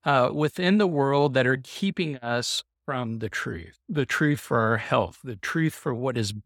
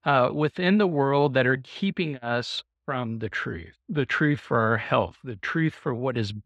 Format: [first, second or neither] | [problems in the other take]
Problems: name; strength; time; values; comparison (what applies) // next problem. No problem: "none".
first | muffled; very slightly; fading above 3 kHz